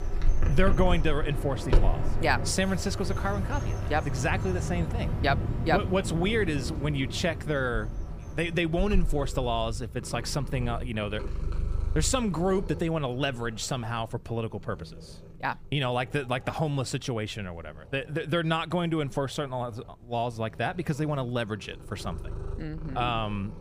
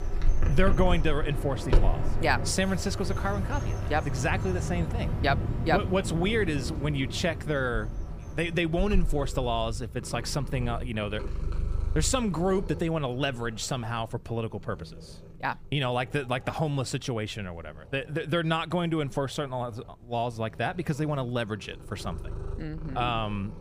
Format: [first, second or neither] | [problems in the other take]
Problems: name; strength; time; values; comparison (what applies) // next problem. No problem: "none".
neither | animal sounds; loud; throughout; 4 dB below the speech; the same in both